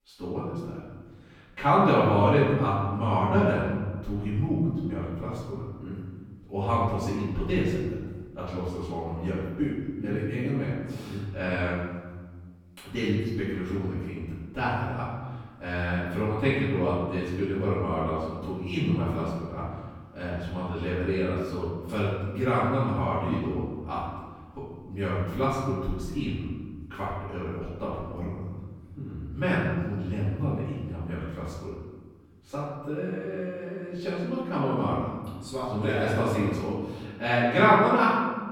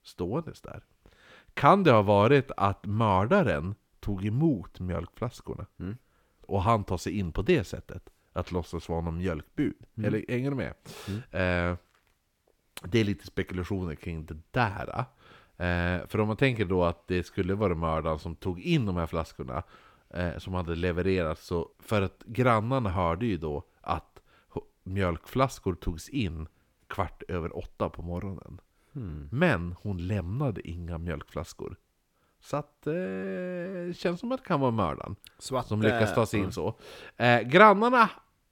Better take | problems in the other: second | room echo; strong; dies away in 1.4 s // off-mic speech; far

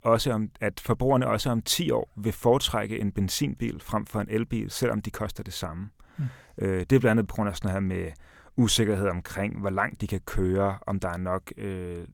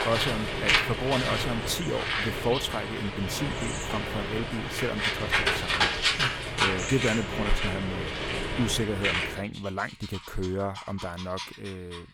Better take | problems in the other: first | animal sounds; very loud; throughout; 4 dB above the speech

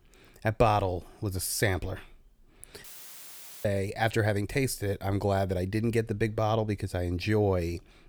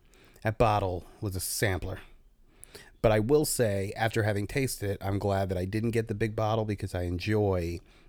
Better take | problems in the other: second | audio cutting out; filled with static; at 3 s for 1 s

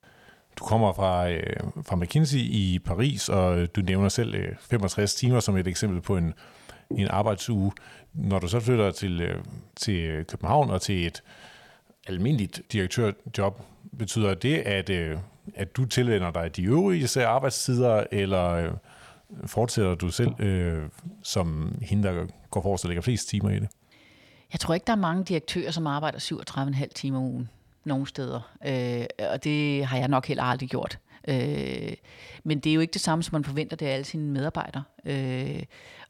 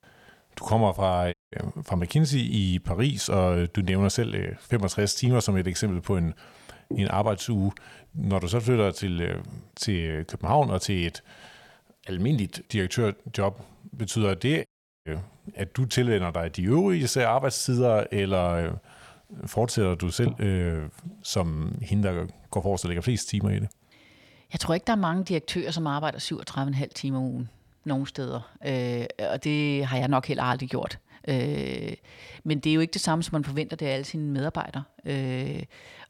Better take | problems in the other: first | audio cutting out; at 1.5 s and at 15 s

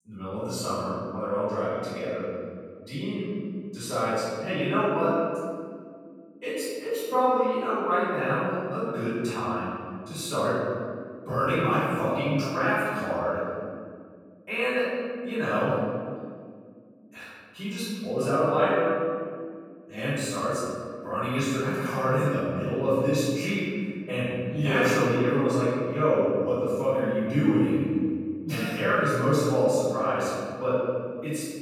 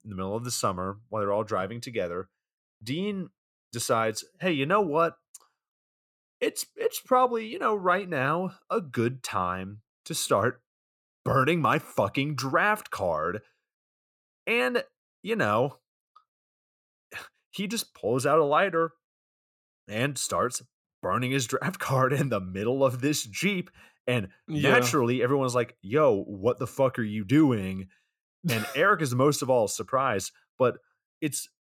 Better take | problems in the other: second | off-mic speech; far // room echo; strong; dies away in 2.1 s

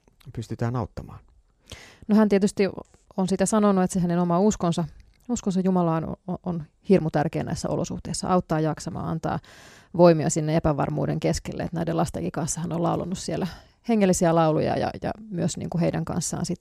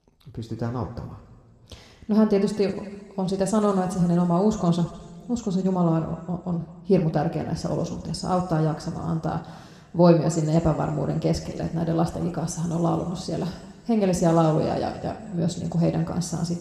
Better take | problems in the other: first | room echo; slight; dies away in 2.3 s

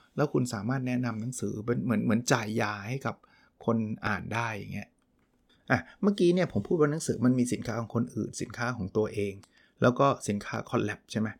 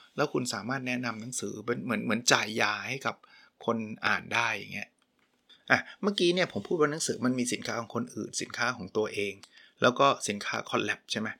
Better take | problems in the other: first | thin; very slightly; fading below 350 Hz

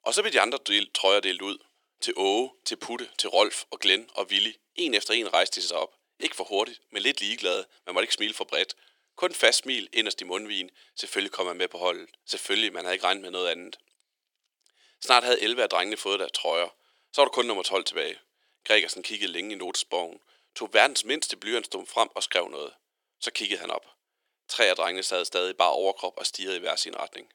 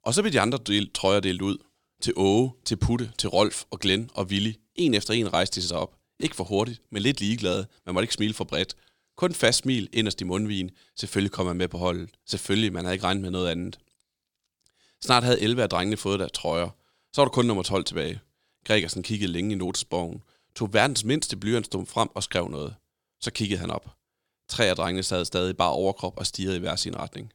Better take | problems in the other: second | thin; very; fading below 350 Hz

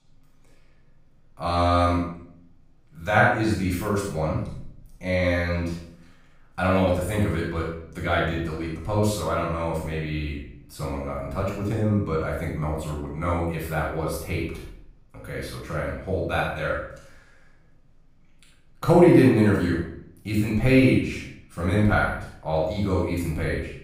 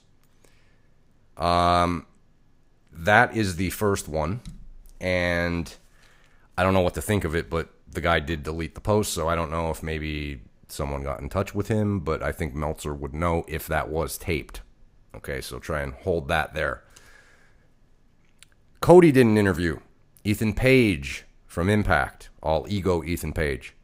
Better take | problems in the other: second | room echo; noticeable; dies away in 0.6 s // off-mic speech; far

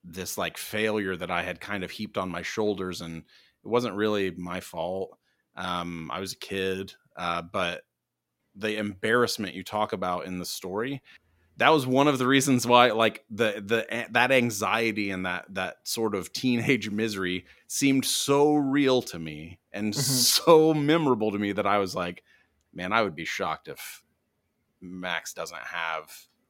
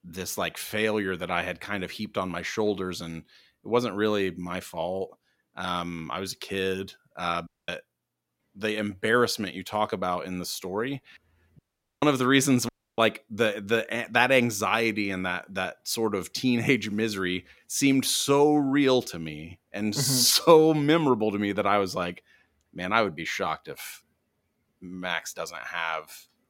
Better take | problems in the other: first | audio cutting out; at 7.5 s, at 12 s and at 13 s

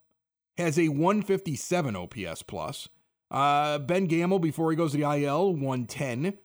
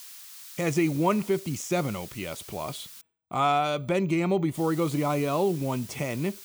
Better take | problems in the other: first | hiss; noticeable; until 3 s and from 4.5 s on; 15 dB below the speech

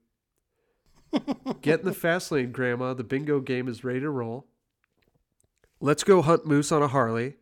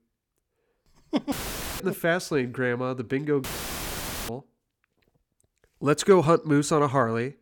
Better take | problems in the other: first | audio cutting out; filled with static; at 1.5 s and at 3.5 s for 1 s

